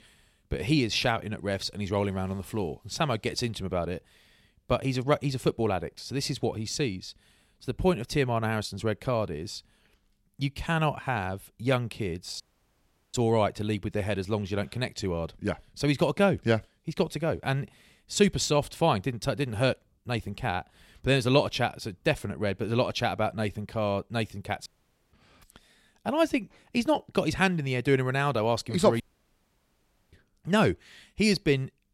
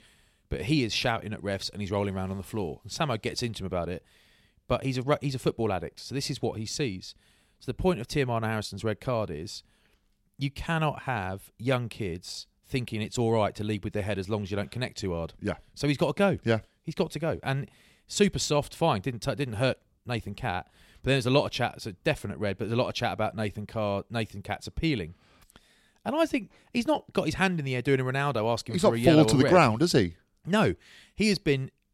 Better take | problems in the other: second | audio cutting out; at 12 s for 0.5 s, at 25 s and at 29 s for 1 s

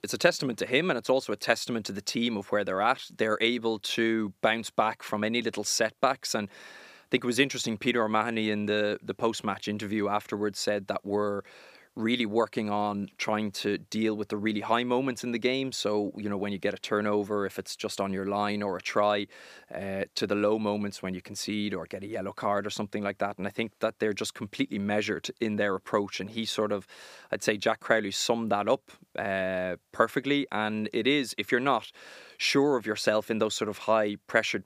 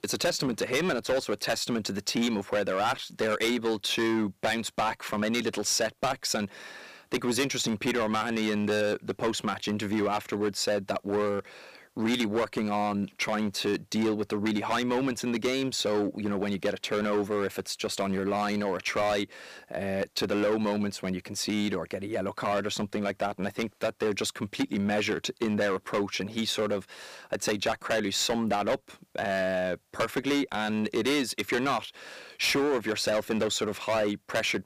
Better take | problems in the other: first | distortion; heavy; 10% of the sound clipped

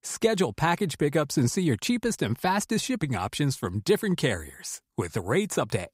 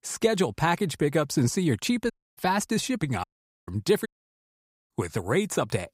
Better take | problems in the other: first | audio cutting out; at 2 s, at 3 s and at 4 s for 1 s

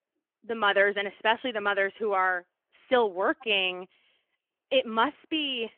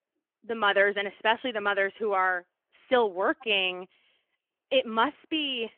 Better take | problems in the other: neither | phone-call audio; nothing above 3.5 kHz; the same in both

